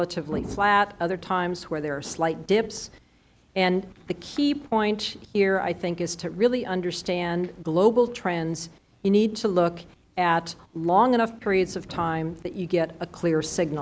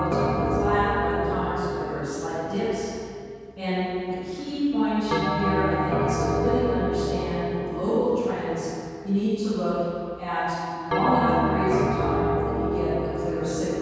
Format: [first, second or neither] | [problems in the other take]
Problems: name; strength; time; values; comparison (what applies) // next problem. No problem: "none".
first | background sound (Bell); 1 dB below the speech // room echo; dies away in 2.1 s